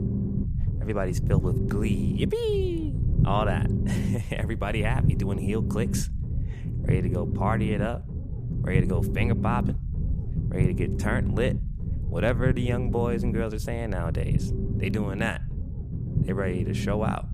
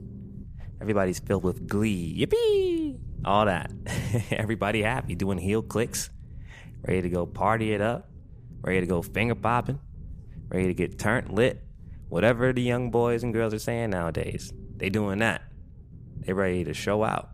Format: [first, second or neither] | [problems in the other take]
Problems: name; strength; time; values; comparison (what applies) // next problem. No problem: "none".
second | low rumble; loud; throughout; 7 dB below the speech; faint in the second